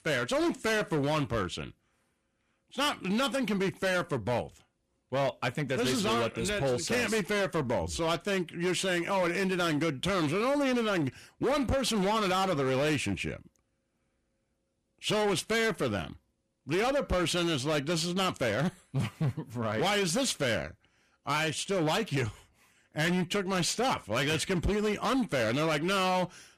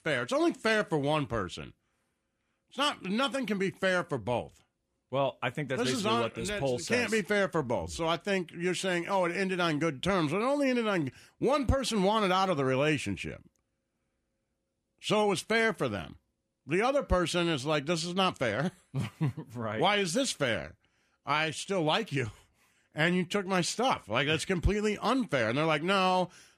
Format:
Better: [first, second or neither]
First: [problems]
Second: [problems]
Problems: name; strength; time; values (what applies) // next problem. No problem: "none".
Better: second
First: distortion; heavy; 16% of the sound clipped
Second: none